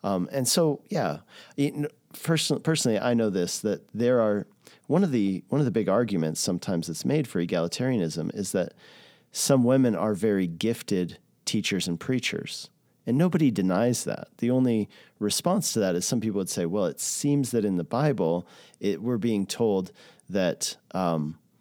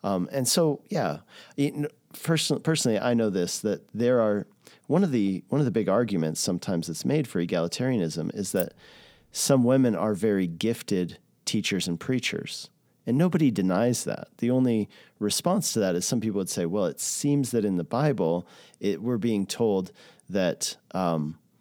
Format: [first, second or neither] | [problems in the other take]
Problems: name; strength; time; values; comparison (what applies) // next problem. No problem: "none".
first | jangling keys; faint; at 8.5 s; peak 10 dB below the speech